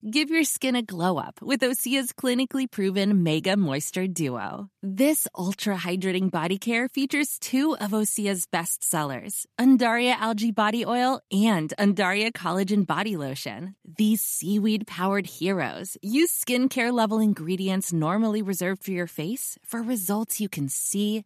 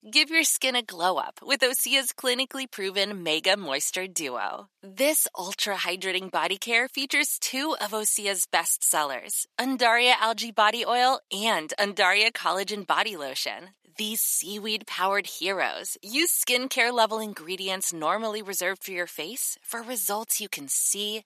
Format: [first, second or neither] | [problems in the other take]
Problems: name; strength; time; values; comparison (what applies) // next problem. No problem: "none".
first | thin; very; fading below 600 Hz